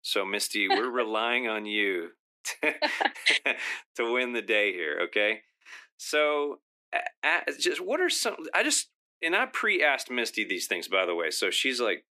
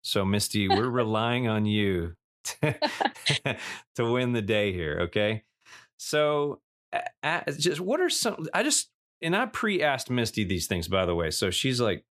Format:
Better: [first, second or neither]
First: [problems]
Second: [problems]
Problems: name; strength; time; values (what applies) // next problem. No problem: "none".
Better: second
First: thin; somewhat; fading below 250 Hz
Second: none